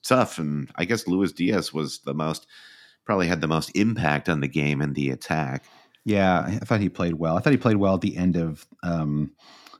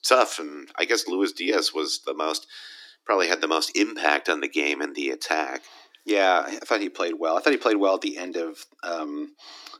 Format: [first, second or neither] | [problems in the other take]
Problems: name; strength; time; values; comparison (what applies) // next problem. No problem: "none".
first | thin; somewhat; fading below 300 Hz